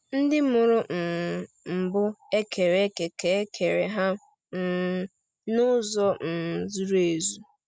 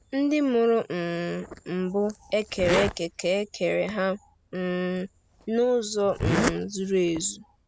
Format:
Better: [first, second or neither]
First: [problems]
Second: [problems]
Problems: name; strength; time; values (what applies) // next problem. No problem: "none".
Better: first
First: none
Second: background sound (Zipper (clothing)); 8 dB below the speech